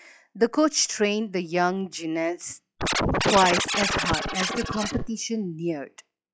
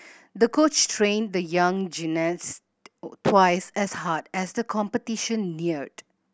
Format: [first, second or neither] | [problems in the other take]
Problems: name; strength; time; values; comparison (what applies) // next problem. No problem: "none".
second | noise reduction (classical method log-MMSE)